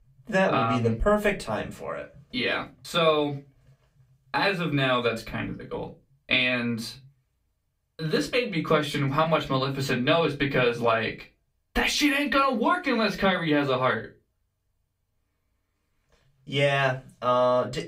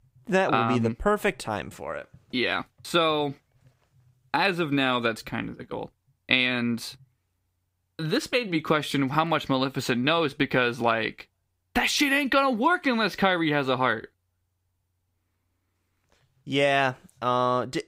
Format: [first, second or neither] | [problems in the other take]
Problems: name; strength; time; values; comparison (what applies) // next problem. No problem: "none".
second | off-mic speech; far // room echo; very slight; dies away in 0.2 s